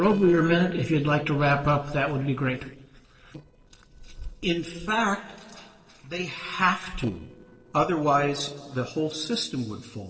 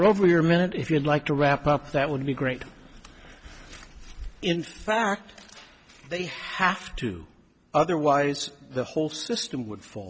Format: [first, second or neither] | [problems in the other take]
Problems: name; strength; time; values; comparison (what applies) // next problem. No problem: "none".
second | noise reduction (neural separator model SepFormer DNS4)